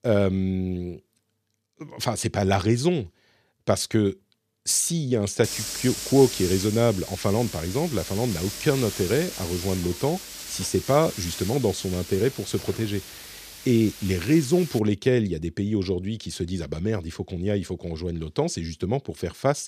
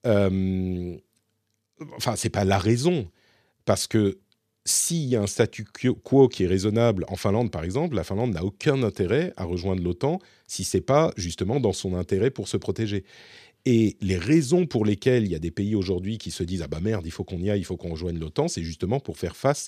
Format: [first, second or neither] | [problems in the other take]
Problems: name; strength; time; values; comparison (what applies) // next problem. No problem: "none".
second | hiss; loud; from 5.5 to 15 s; 9 dB below the speech